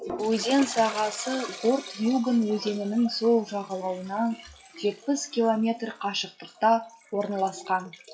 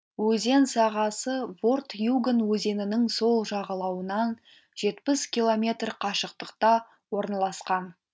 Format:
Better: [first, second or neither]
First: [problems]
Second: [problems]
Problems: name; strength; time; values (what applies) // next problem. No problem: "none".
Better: second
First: noise reduction (classical method WPE with log-MMSE)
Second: none